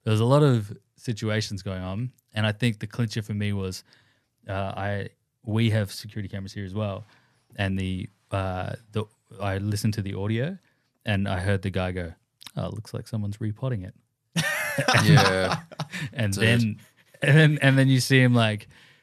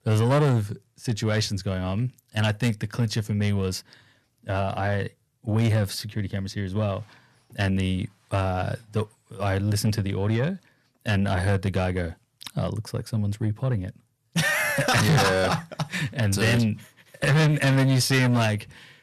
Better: first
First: none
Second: distortion; heavy; 7 dB below the speech

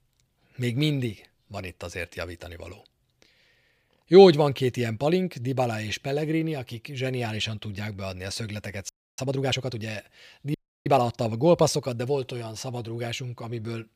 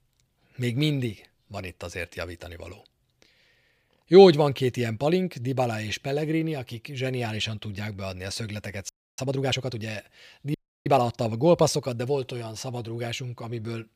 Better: neither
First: audio freezing; at 9 s and at 11 s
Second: audio freezing; at 9 s and at 11 s

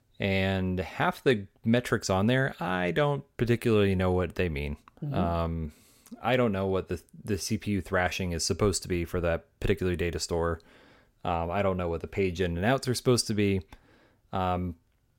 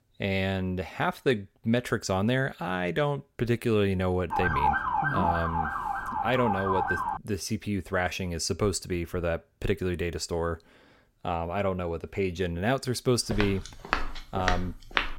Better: first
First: none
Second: siren; loud; from 4.5 to 7 s; peak 4 dB above the speech // footsteps; noticeable; from 13 s on; peak level with the speech

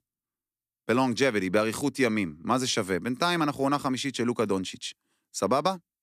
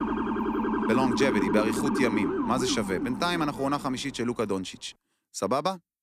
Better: first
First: none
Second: siren; loud; until 4 s; peak 1 dB above the speech

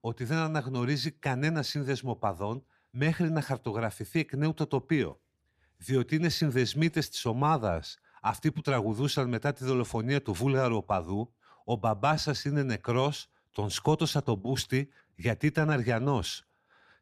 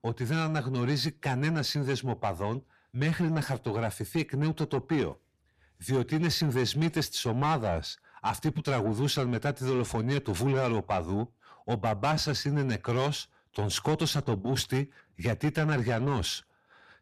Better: first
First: none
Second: distortion; slight; 10 dB below the speech

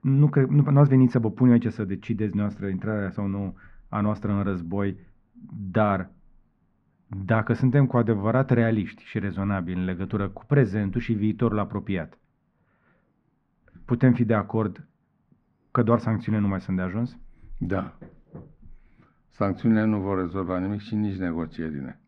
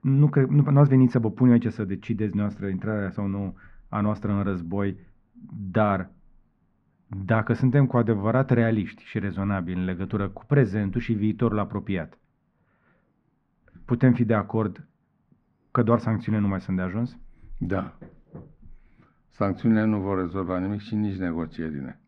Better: neither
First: muffled; very; fading above 1.5 kHz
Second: muffled; very; fading above 1.5 kHz

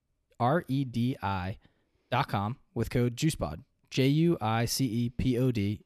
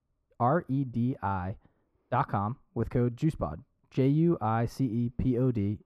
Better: first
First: none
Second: muffled; very; fading above 2 kHz

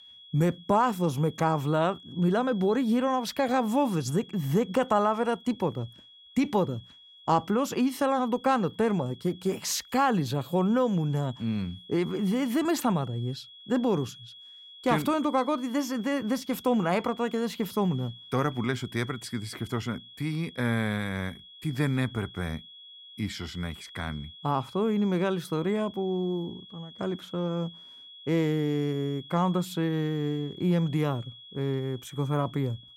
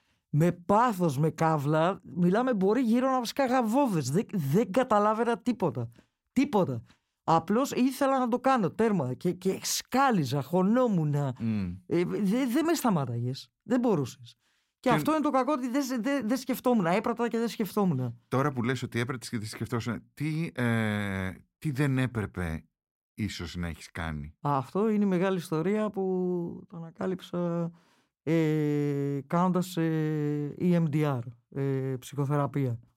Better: second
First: high-pitched whine; noticeable; throughout; 3.5 kHz, 20 dB below the speech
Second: none

